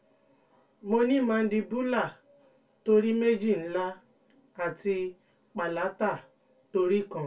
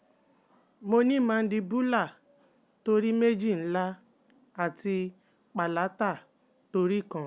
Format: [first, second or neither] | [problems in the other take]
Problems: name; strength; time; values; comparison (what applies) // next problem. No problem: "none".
second | room echo; dies away in 0.2 s